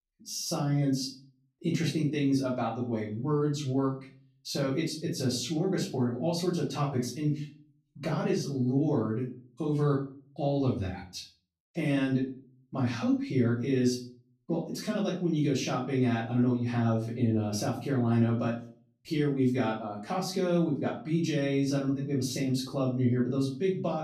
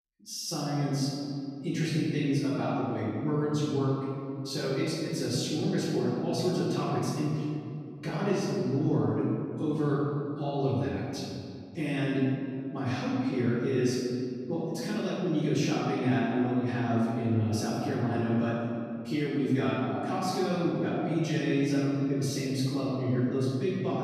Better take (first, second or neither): first